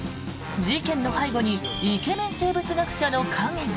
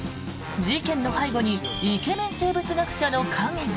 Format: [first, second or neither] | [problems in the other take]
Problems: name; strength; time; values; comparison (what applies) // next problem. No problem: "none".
second | background sound (Trickle, dribble / Water tap, faucet / Music); 18 dB below the speech